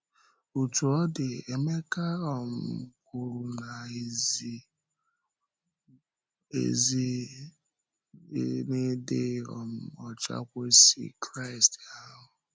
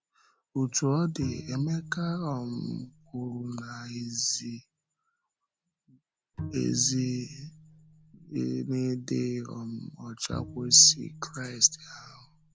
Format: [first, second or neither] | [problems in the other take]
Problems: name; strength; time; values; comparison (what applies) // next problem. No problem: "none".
first | background sound (Bowed string instrument); 13 dB below the speech